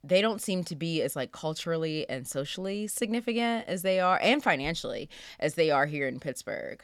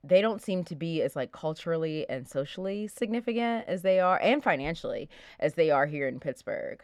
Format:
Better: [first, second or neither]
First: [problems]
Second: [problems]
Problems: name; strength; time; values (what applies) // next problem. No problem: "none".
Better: first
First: none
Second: muffled; slightly; fading above 3.5 kHz